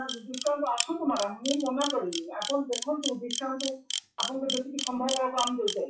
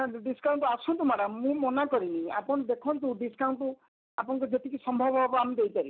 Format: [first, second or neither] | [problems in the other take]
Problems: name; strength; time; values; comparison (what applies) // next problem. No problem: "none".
second | noise reduction (classical method WPE with log-MMSE)